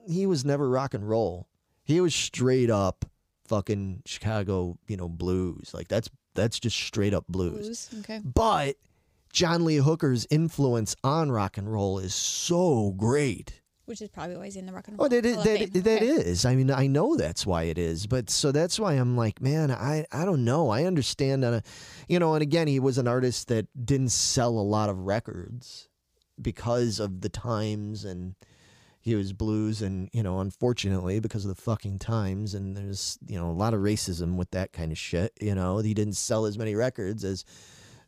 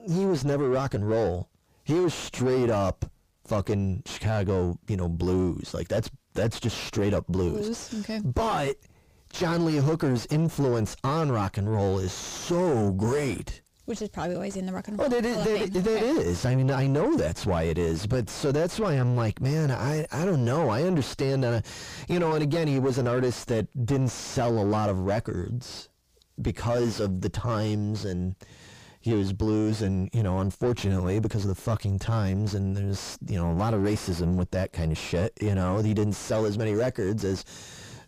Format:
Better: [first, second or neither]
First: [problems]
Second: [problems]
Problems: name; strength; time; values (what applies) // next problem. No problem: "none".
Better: first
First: none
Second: distortion; heavy; 4 dB below the speech